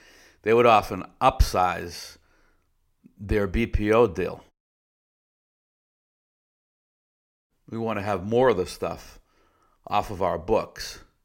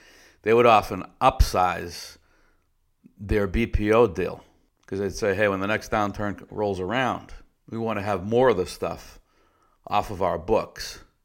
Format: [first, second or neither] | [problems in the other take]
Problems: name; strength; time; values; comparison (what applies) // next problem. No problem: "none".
second | audio cutting out; at 4.5 s for 3 s